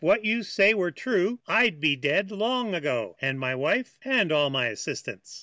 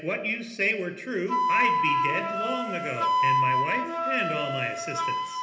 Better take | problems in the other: first | background sound (Wind instrument, woodwind instrument); 3 dB above the speech // room echo; dies away in 1 s

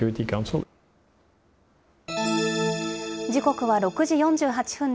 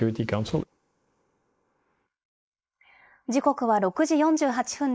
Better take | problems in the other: first | noise reduction (neural mask model Resemble Enhance denoiser)

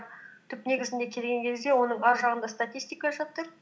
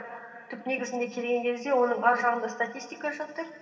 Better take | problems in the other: first | room echo; dies away in 2.6 s

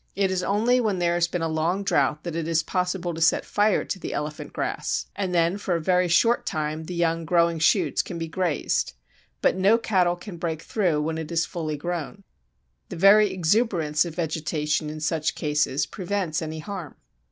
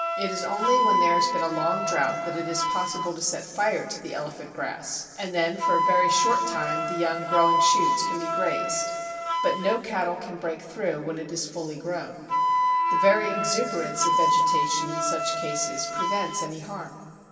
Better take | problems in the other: first | background sound (Wind instrument, woodwind instrument); 2 dB above the speech // room echo; dies away in 2.7 s

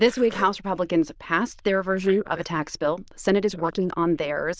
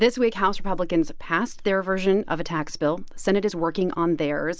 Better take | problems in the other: second | noise reduction (neural diffusion model UNIVERSE++)

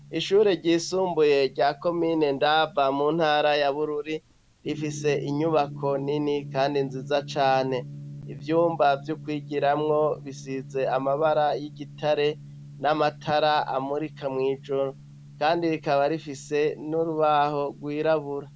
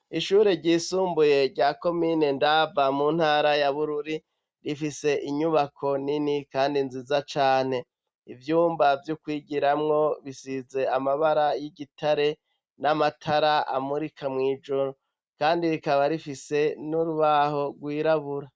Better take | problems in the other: second | background sound (Gong); 16 dB below the speech

